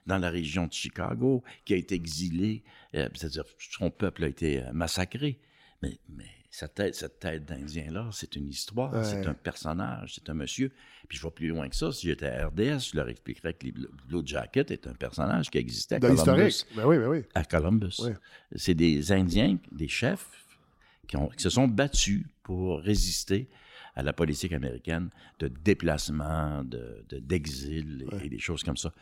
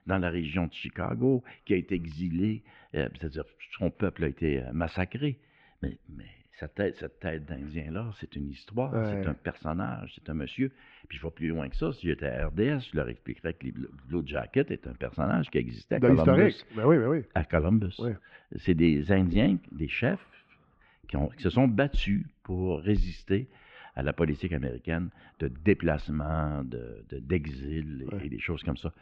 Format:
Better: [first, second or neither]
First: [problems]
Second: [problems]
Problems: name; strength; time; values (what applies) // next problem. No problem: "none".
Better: first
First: none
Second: muffled; very; fading above 2.5 kHz